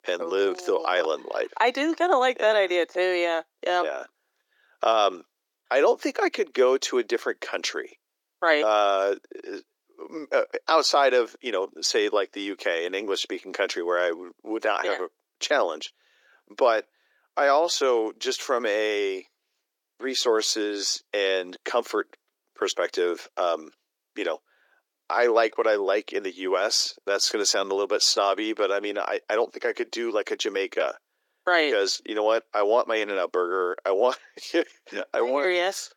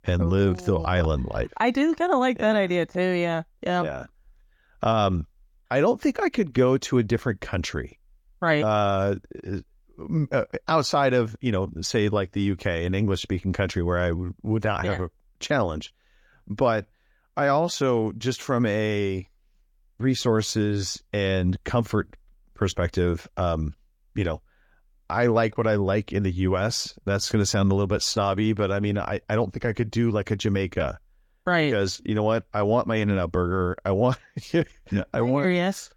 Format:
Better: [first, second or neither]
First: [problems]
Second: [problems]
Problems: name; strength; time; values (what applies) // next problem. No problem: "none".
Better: second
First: thin; very; fading below 350 Hz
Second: none